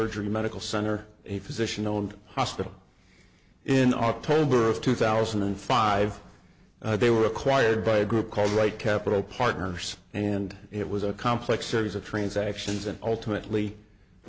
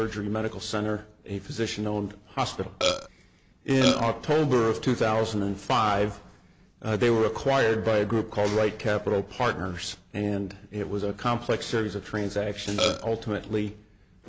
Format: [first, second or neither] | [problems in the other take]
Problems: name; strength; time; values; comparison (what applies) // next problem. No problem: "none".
first | background sound (Burping, eructation); as loud as the speech